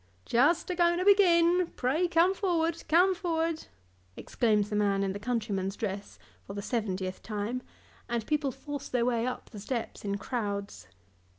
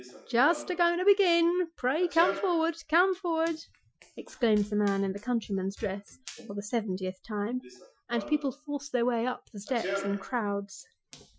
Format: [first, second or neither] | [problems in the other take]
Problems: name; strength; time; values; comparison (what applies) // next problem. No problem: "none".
first | noise reduction (classical method Wiener filter)